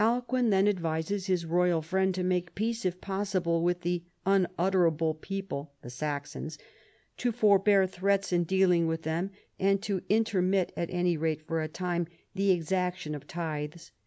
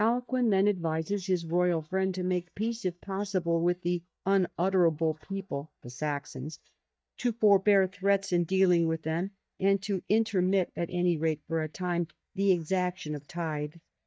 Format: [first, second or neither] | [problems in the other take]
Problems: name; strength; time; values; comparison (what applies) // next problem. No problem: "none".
first | noise reduction (neural mask model DeepFilterNet 3)